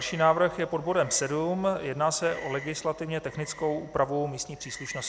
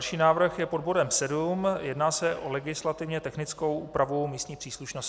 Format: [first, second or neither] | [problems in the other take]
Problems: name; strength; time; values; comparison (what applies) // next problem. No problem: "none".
second | background sound (Frog); 18 dB below the speech